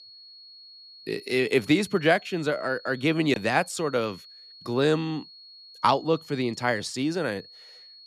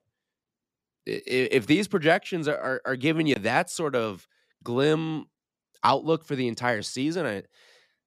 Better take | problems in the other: second | high-pitched whine; noticeable; throughout; 4.5 kHz, 20 dB below the speech

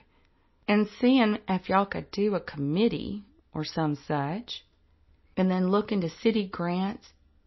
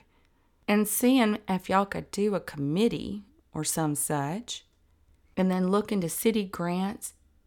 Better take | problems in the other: second | garbled, watery; slightly; nothing above 5.5 kHz

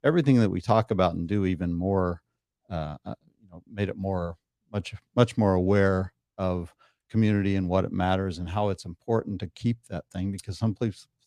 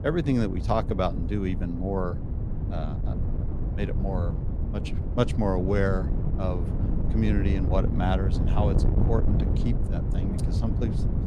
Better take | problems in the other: first | wind noise on the microphone; heavy; 7 dB below the speech

